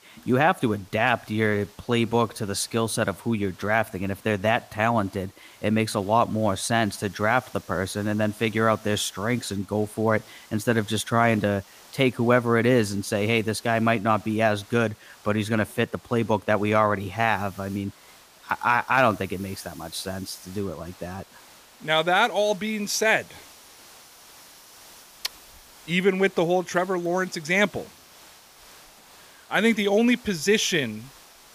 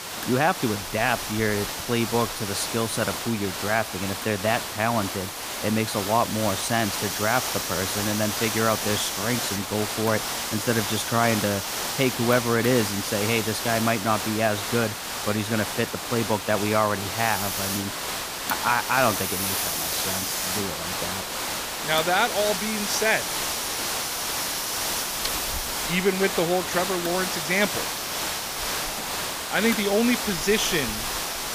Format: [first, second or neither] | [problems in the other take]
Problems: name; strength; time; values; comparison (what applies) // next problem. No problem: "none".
first | hiss; loud; throughout; 2 dB below the speech; faint in the first